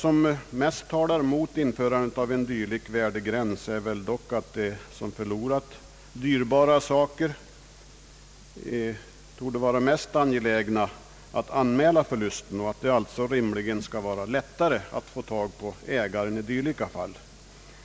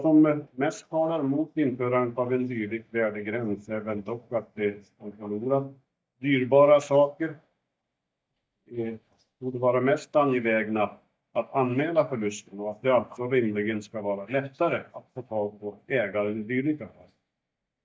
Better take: first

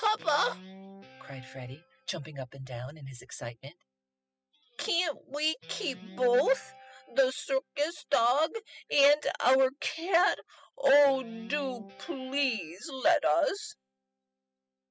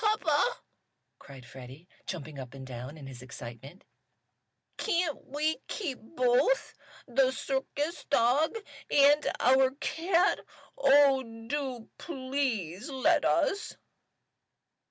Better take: second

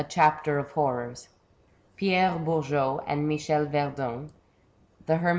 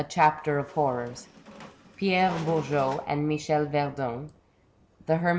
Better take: first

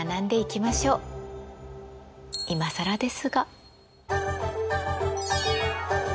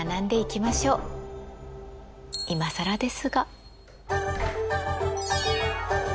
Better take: first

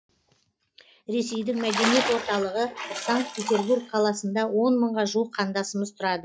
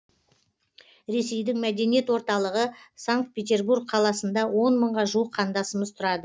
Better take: second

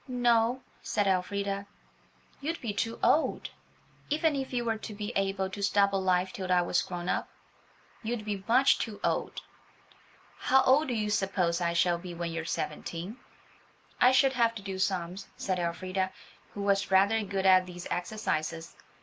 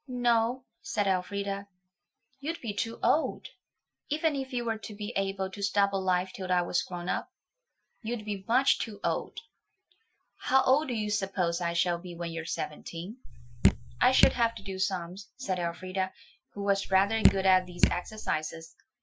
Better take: first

